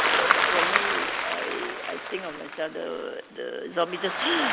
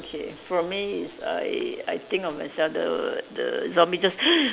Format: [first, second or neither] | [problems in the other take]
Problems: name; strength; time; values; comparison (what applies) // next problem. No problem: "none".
second | background sound (Applause); 4 dB above the speech